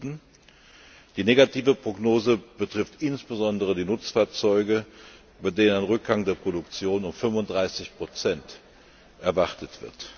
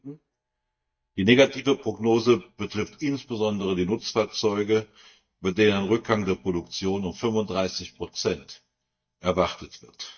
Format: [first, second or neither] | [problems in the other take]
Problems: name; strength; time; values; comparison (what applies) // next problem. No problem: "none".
first | noise reduction (neural mask model DeepFilterNet 3)